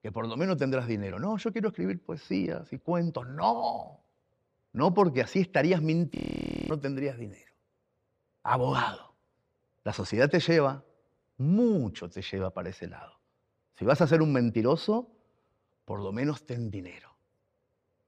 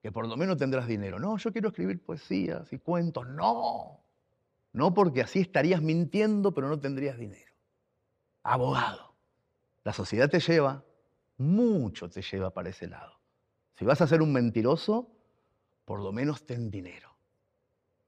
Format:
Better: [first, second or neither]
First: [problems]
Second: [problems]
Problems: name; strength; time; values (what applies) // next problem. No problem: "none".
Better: second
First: audio freezing; at 6 s for 0.5 s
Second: none